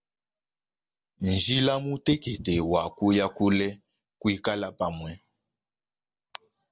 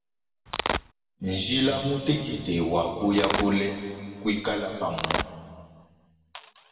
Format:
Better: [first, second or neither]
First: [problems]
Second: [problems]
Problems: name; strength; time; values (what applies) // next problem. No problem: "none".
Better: first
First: none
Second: background sound (Domestic sounds, home sounds); 1 dB below the speech // room echo; dies away in 2 s